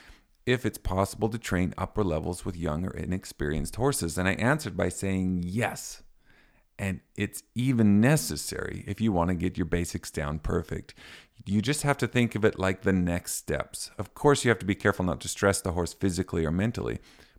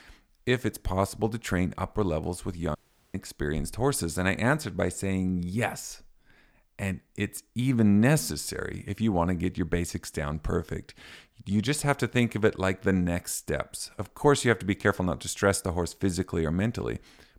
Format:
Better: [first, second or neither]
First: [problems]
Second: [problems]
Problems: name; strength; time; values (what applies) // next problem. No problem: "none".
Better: first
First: none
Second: audio cutting out; at 3 s